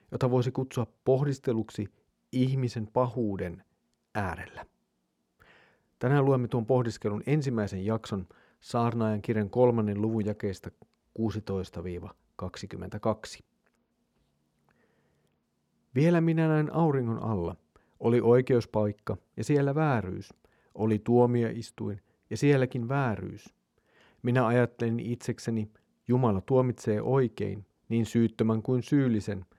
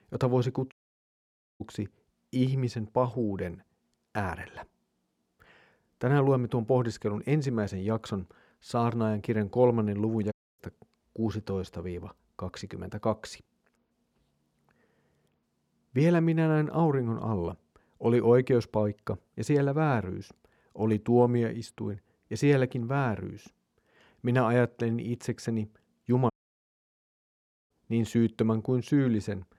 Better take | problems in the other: first | audio cutting out; at 0.5 s for 1 s, at 10 s and at 26 s for 1.5 s

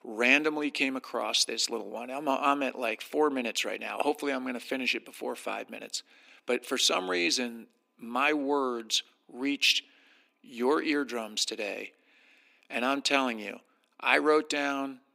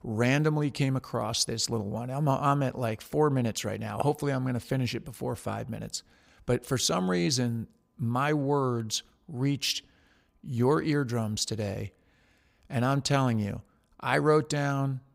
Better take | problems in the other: second | thin; very slightly; fading below 250 Hz

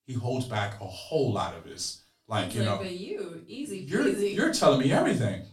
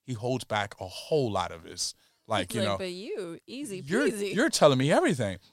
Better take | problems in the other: second | off-mic speech; far // room echo; slight; dies away in 0.3 s

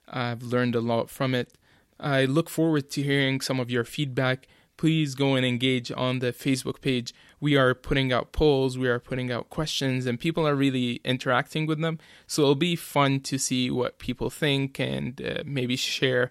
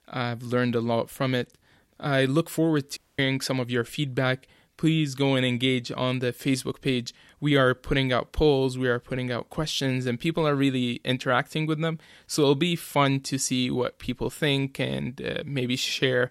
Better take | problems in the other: first | audio cutting out; at 3 s

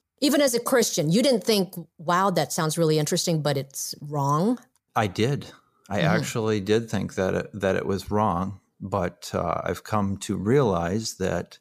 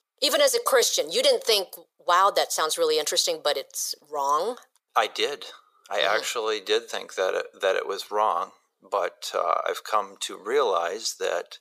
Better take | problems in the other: first | thin; very; fading below 500 Hz

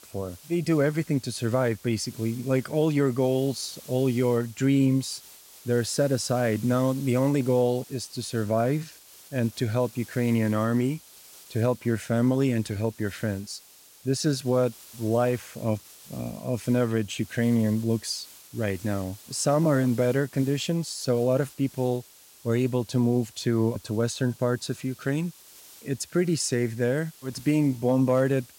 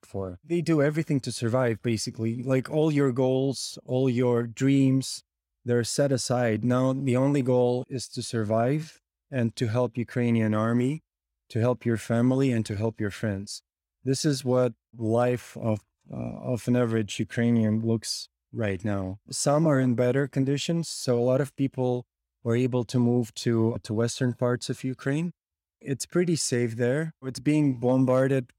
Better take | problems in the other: second | hiss; faint; throughout; 20 dB below the speech

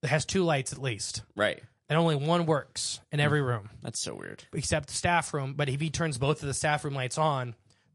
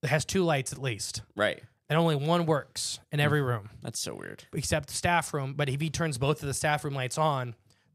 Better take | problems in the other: second | garbled, watery; slightly

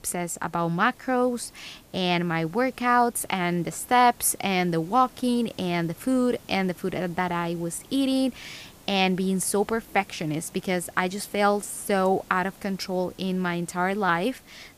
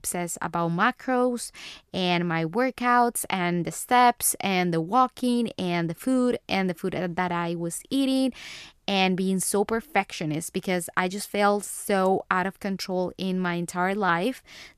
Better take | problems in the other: second | hiss; faint; throughout; 25 dB below the speech

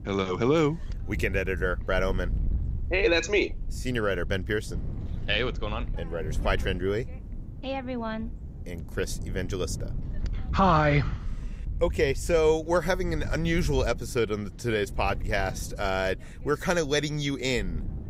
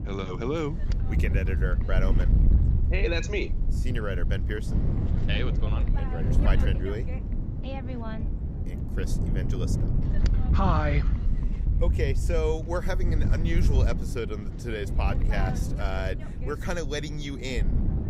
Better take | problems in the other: first | wind noise on the microphone; heavy; 7 dB below the speech; occasional gusts in the first

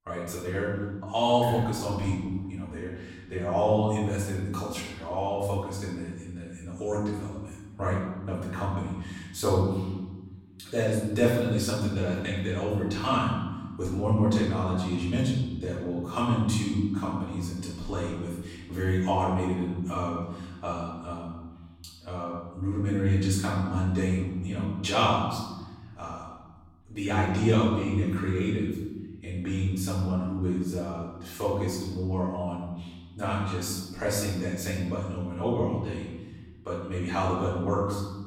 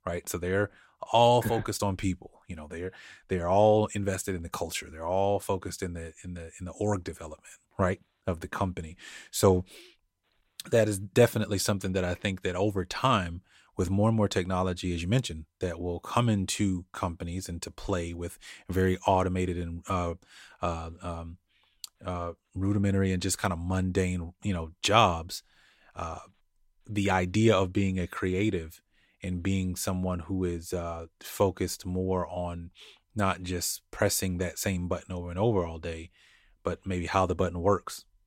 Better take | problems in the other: second | off-mic speech; far // room echo; noticeable; dies away in 1.4 s

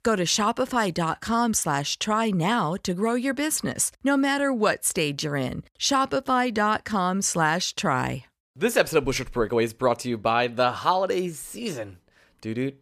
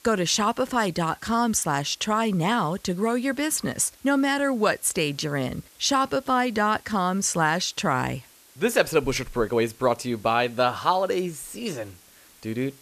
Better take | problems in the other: first | hiss; faint; throughout; 25 dB below the speech

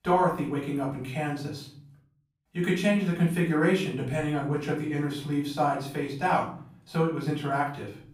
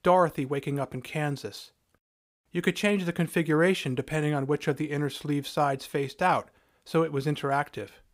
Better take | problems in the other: second | off-mic speech; far // room echo; slight; dies away in 0.6 s

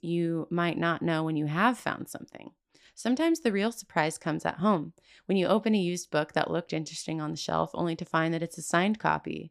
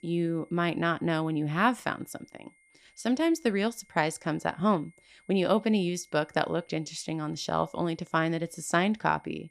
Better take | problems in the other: first | high-pitched whine; faint; throughout; 2 kHz, 35 dB below the speech

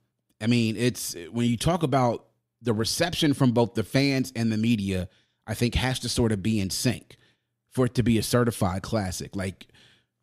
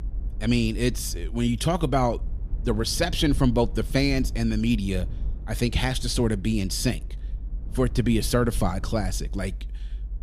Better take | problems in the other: first | low rumble; faint; throughout; 25 dB below the speech

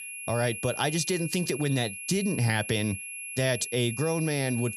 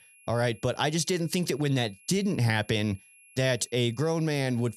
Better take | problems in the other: second | high-pitched whine; loud; throughout; 11 kHz, 7 dB below the speech; faint in the second

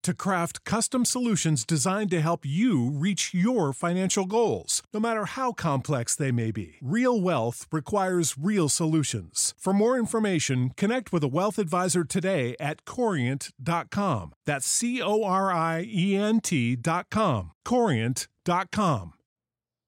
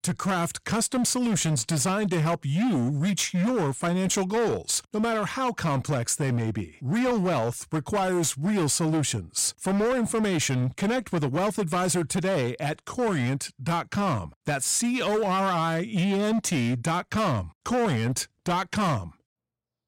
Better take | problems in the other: first | distortion; slight; 21% of the sound clipped

